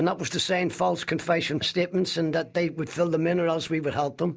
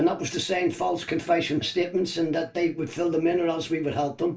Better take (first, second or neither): first